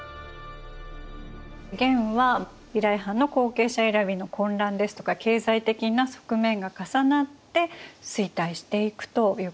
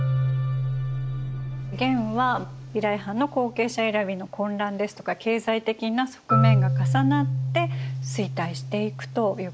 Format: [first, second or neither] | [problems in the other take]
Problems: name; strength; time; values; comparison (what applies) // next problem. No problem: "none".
first | background sound (Marimba, xylophone); as loud as the speech